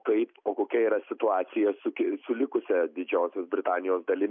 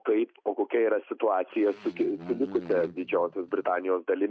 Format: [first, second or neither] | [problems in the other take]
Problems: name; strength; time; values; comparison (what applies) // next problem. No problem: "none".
first | noise reduction (neural mask model RNNoise)